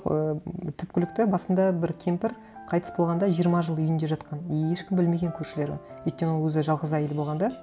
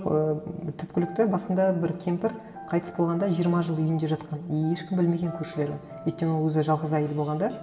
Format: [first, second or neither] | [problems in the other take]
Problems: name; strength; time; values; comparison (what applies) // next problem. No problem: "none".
first | room echo; dies away in 1.6 s